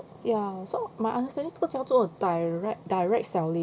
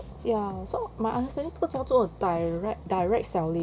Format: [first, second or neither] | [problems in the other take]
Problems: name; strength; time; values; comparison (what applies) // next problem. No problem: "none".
first | background sound (Bass guitar); 15 dB below the speech